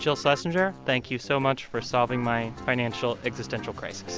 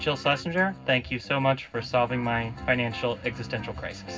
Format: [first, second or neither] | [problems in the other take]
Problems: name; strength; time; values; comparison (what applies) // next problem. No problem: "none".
first | room echo; dies away in 0.4 s